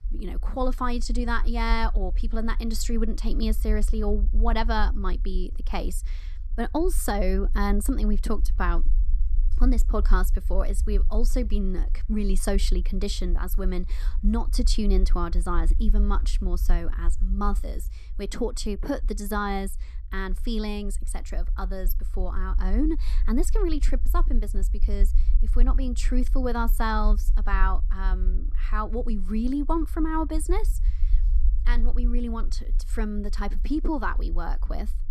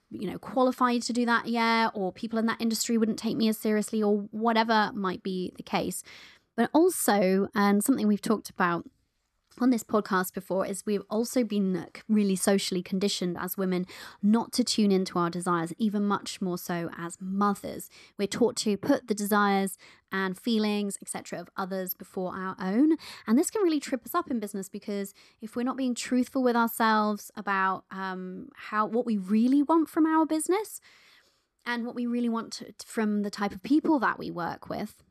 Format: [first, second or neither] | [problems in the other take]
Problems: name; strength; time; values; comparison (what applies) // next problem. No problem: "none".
second | low rumble; faint; throughout; 20 dB below the speech